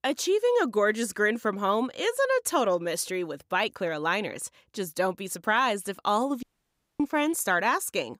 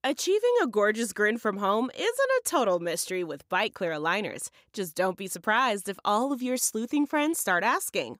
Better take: second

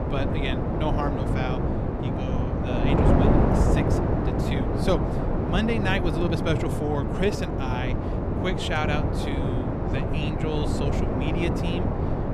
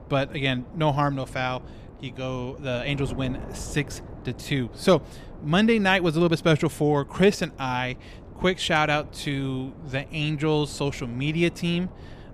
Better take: second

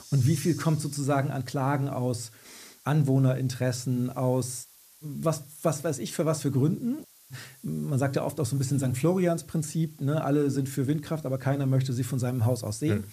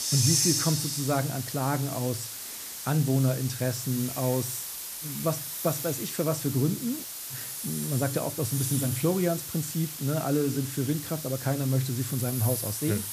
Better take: first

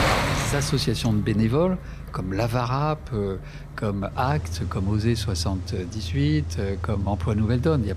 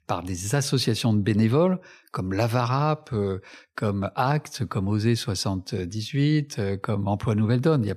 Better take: second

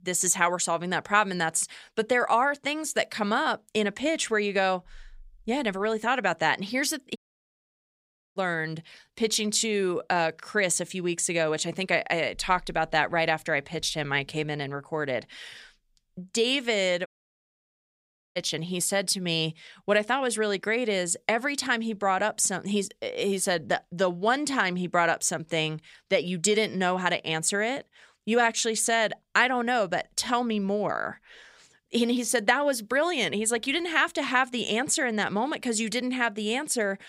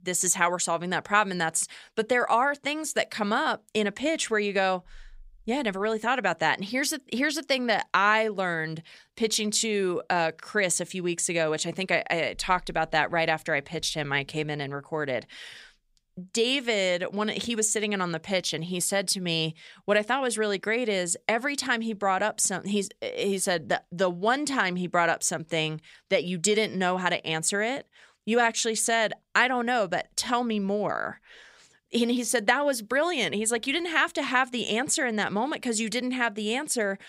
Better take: second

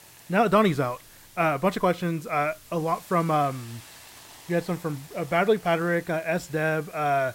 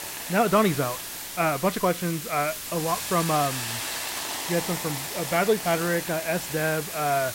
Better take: first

